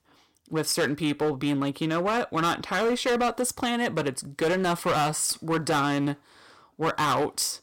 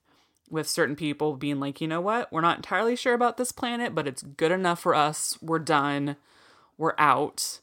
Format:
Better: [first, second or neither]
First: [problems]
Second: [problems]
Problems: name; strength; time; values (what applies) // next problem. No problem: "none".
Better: second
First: distortion; heavy; 13% of the sound clipped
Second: none